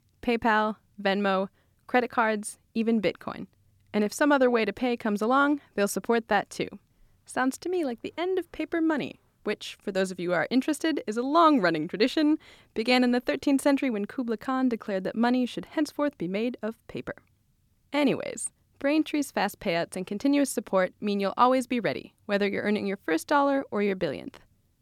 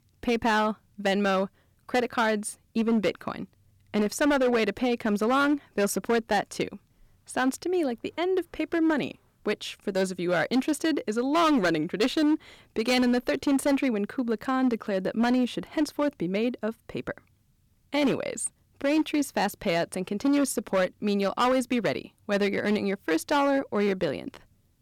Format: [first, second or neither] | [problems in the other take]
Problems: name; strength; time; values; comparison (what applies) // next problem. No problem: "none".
first | distortion; slight; 8% of the sound clipped